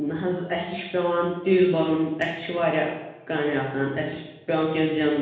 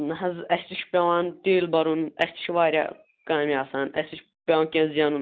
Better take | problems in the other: second | room echo; dies away in 1.1 s

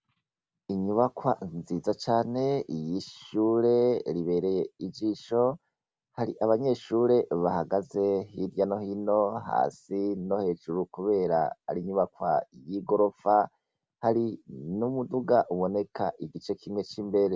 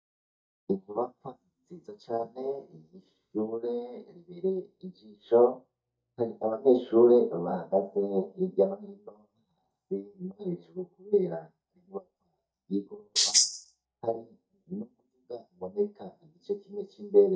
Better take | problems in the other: first | noise reduction (neural mask model DeepFilterNet 3)

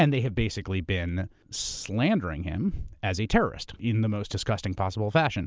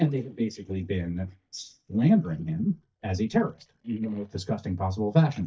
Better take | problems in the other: first | noise reduction (neural mask model DeepFilterNet 3)

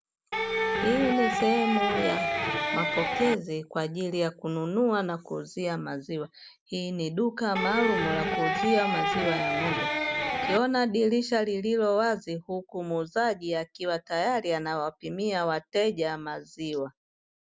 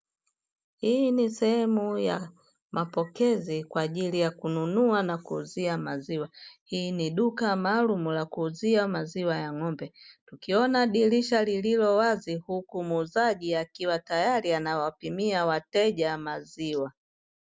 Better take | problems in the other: second | background sound (Electric guitar); 1 dB above the speech

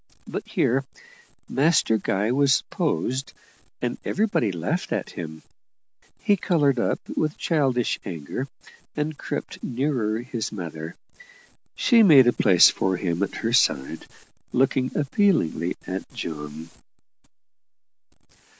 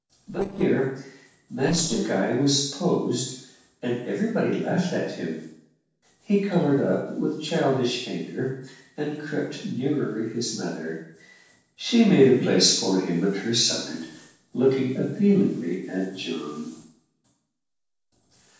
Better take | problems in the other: first | noise reduction (neural separator model SepFormer DNS4)

